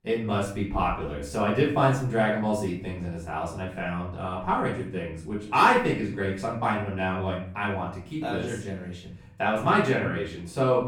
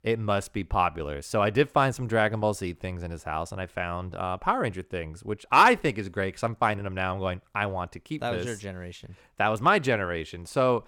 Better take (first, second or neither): second